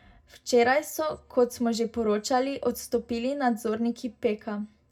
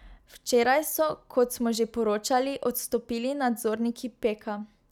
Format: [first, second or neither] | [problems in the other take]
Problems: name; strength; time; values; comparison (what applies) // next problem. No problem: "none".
second | room echo; dies away in 0.2 s